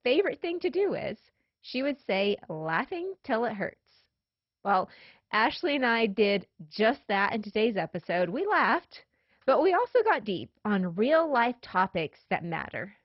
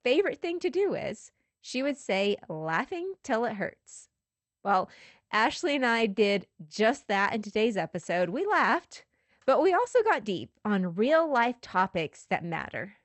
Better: second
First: garbled, watery; badly; nothing above 5 kHz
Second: garbled, watery; slightly; nothing above 8 kHz

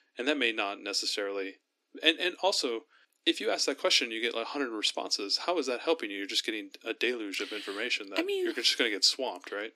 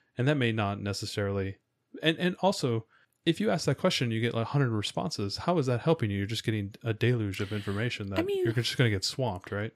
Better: second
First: thin; somewhat; fading below 250 Hz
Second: none

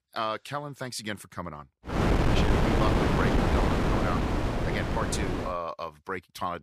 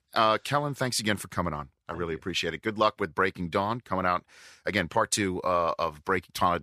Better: second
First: wind noise on the microphone; heavy; from 2 to 5.5 s; 4 dB above the speech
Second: none

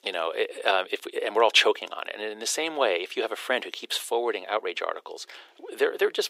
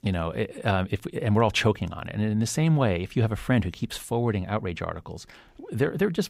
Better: second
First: thin; very; fading below 350 Hz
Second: none

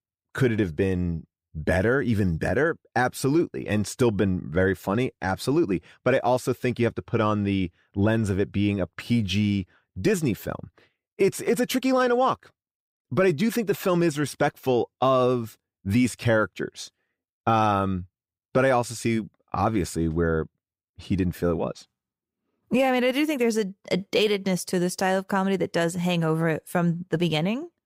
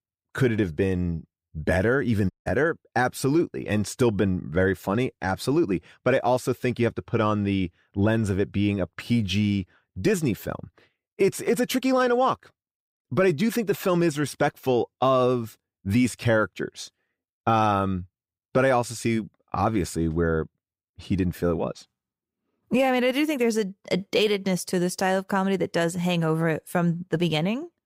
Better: first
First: none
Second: audio cutting out; at 2.5 s

